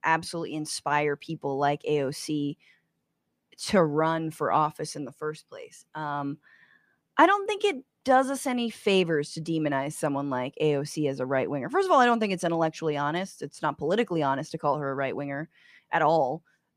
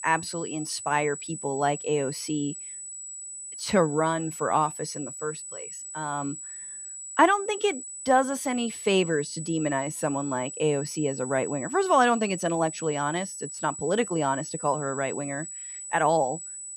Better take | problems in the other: first | high-pitched whine; loud; throughout; 8 kHz, 9 dB below the speech

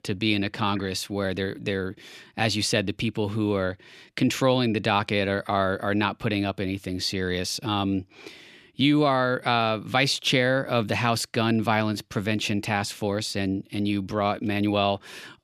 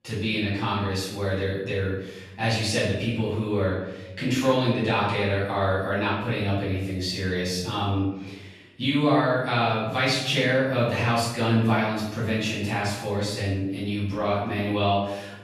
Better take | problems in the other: first | room echo; strong; dies away in 0.8 s // off-mic speech; far

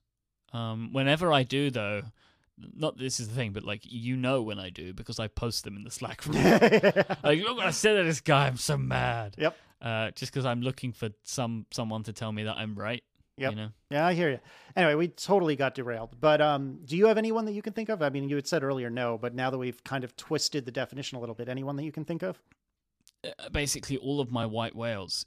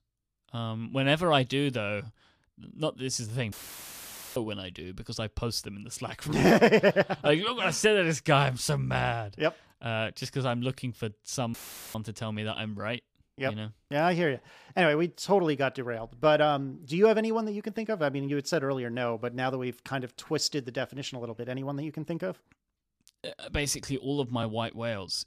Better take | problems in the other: first | audio cutting out; filled with static; at 3.5 s for 1 s and at 12 s

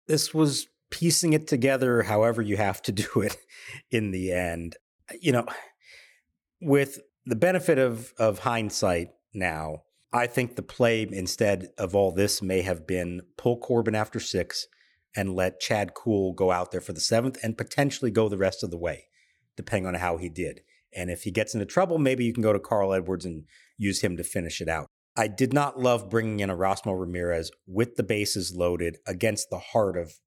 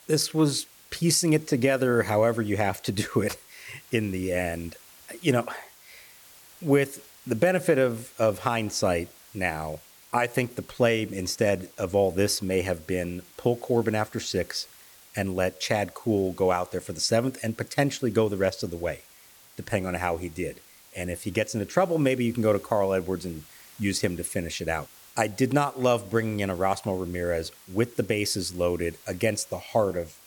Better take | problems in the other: first | hiss; faint; throughout; 25 dB below the speech

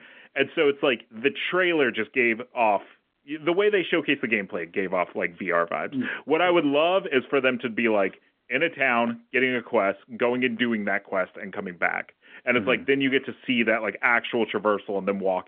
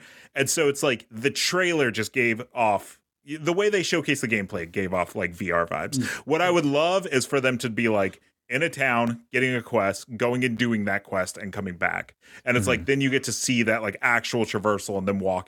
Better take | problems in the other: second | phone-call audio; nothing above 3 kHz

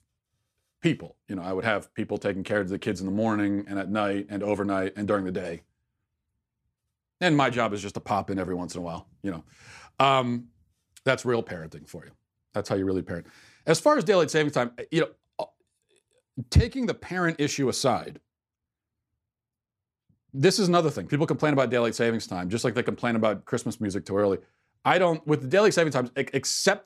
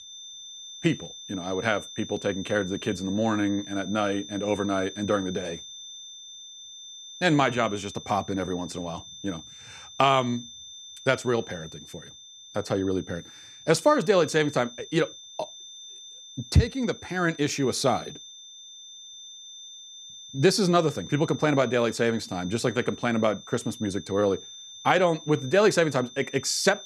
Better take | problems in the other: first | high-pitched whine; noticeable; throughout; 3.5 kHz, 15 dB below the speech

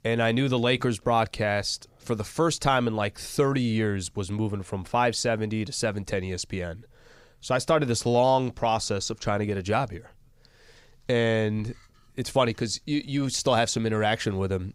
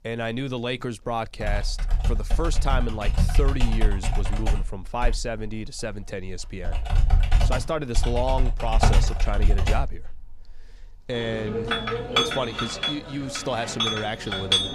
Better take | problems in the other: first | household noises; very loud; throughout; 4 dB above the speech

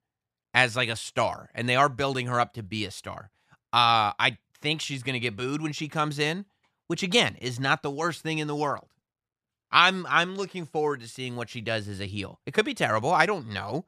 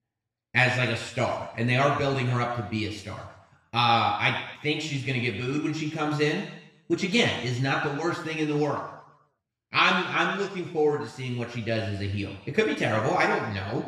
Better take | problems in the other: first | room echo; noticeable; dies away in 0.9 s // off-mic speech; far

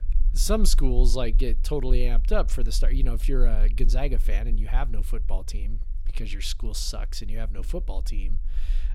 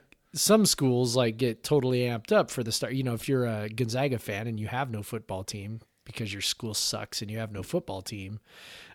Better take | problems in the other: second | low rumble; faint; throughout; 20 dB below the speech

